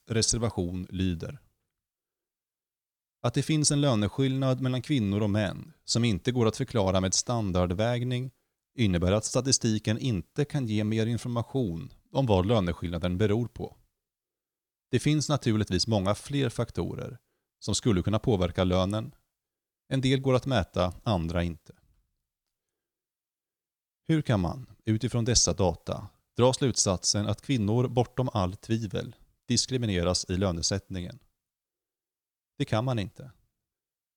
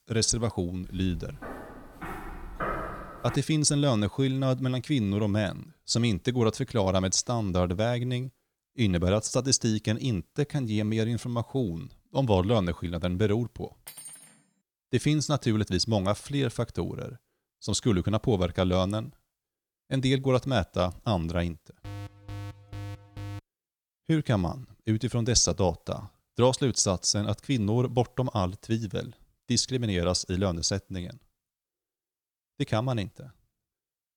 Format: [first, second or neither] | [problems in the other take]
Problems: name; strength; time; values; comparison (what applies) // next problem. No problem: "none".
first | footsteps; noticeable; from 1 to 3.5 s; peak 5 dB below the speech // clattering dishes; faint; at 14 s; peak 15 dB below the speech // alarm; faint; from 22 to 23 s; peak 15 dB below the speech